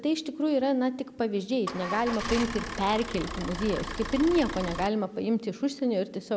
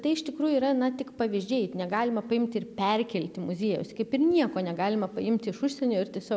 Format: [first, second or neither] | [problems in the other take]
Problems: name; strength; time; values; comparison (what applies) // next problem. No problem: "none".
second | background sound (Idling / Engine starting / Motor vehicle (road)); 7 dB below the speech